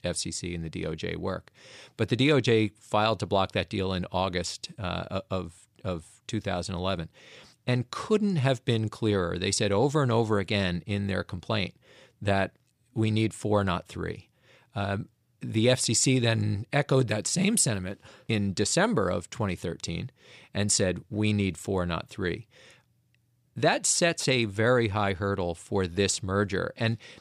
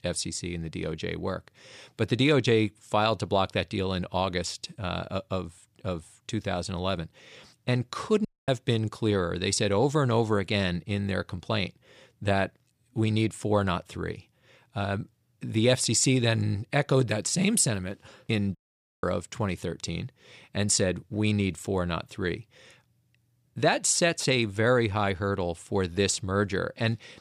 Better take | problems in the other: first | audio cutting out; at 8.5 s and at 19 s

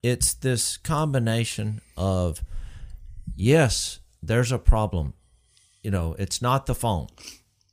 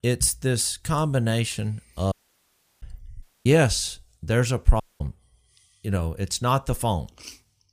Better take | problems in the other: first | audio cutting out; at 2 s for 0.5 s, at 3 s and at 5 s

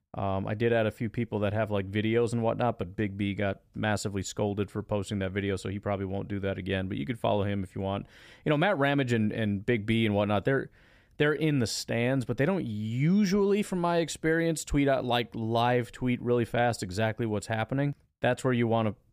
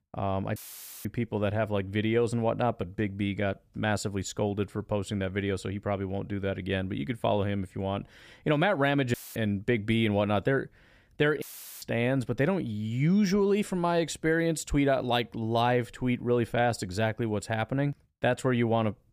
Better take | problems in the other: first | audio cutting out; filled with static; at 0.5 s, at 9 s and at 11 s

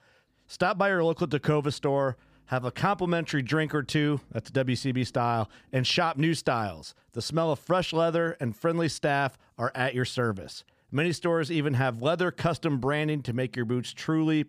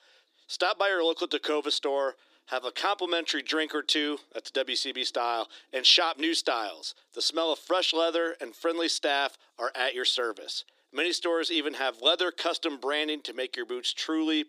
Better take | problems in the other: first | thin; somewhat; fading below 300 Hz

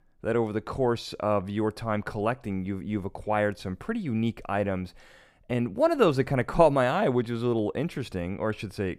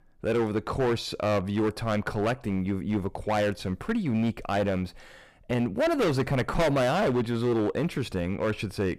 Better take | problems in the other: first | distortion; heavy; 13% of the sound clipped

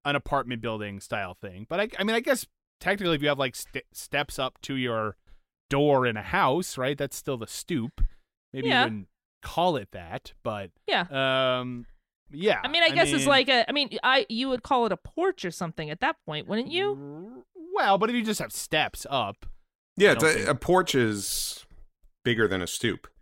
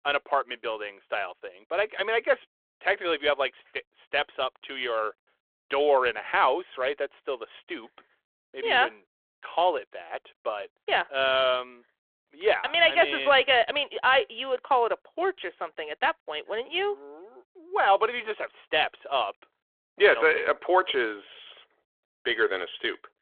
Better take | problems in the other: first | phone-call audio

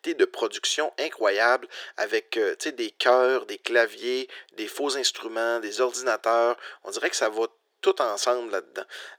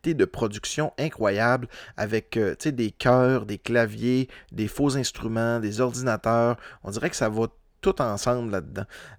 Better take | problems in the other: second | thin; very; fading below 350 Hz

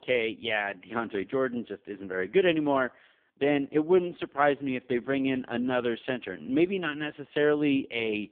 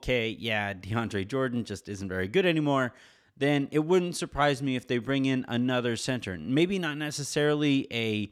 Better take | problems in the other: second | phone-call audio; poor line; nothing above 3.5 kHz

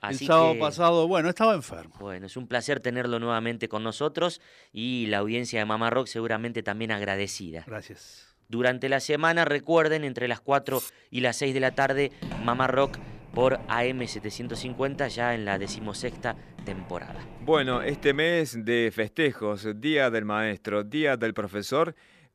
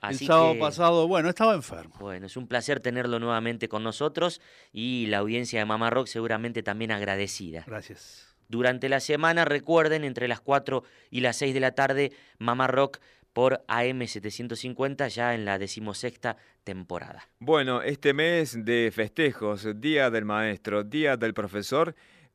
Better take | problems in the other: second | clattering dishes; faint; at 11 s; peak 10 dB below the speech // footsteps; noticeable; from 12 to 18 s; peak 10 dB below the speech

